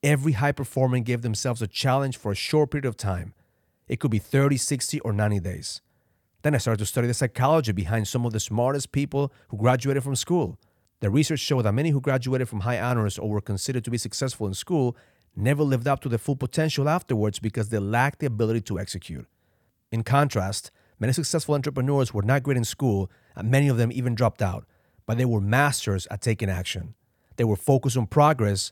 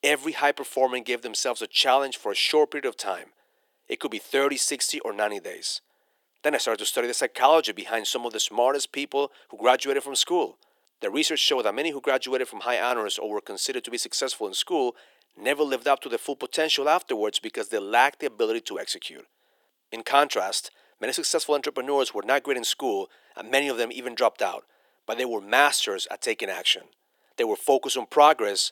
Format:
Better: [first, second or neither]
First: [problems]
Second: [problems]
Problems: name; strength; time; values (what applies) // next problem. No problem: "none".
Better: first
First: none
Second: thin; very; fading below 350 Hz